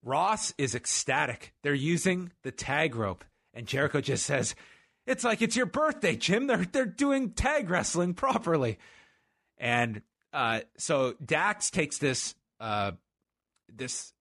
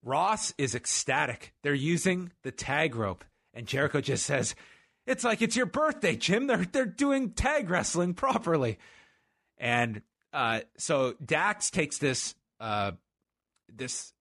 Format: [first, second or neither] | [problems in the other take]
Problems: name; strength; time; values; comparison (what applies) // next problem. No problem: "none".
neither | none